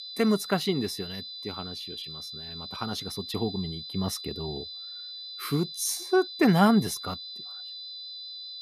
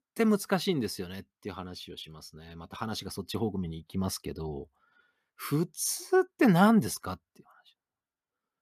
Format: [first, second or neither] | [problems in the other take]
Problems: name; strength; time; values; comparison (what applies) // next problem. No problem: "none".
second | high-pitched whine; loud; throughout; 4 kHz, 10 dB below the speech